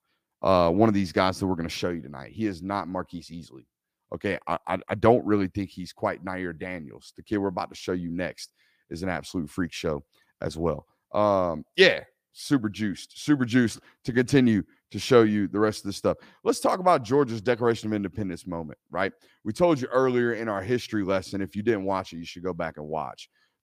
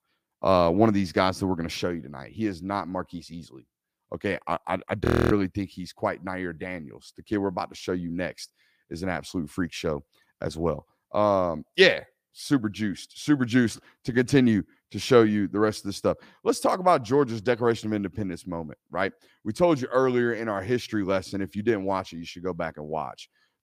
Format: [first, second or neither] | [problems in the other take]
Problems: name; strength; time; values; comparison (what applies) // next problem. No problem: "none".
first | audio freezing; at 5 s